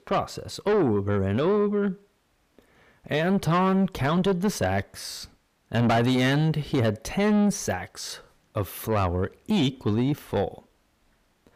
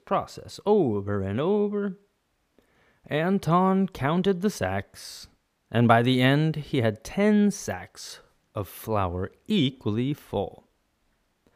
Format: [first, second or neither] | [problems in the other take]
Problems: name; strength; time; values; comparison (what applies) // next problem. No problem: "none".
second | distortion; heavy; 7 dB below the speech